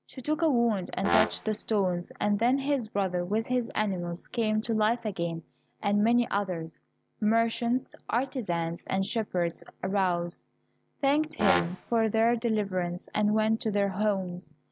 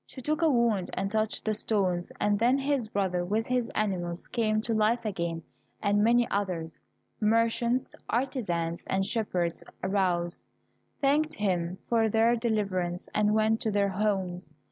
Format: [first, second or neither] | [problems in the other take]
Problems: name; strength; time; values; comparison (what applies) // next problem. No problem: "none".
second | background sound (Brass instrument); 4 dB below the speech